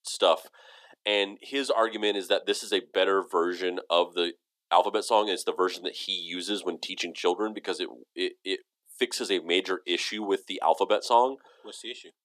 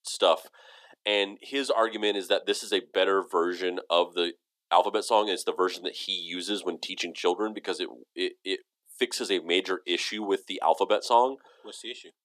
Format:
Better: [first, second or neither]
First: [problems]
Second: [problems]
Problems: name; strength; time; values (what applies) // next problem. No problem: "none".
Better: neither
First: thin; somewhat; fading below 300 Hz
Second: thin; somewhat; fading below 300 Hz